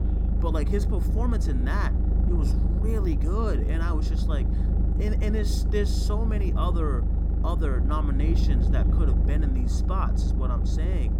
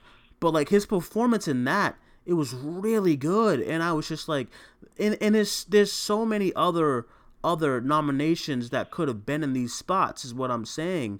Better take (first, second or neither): second